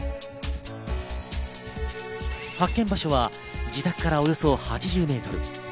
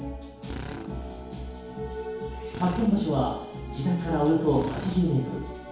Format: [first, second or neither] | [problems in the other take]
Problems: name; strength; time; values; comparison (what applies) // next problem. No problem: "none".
first | background sound (Drill); 13 dB below the speech // room echo; dies away in 2.2 s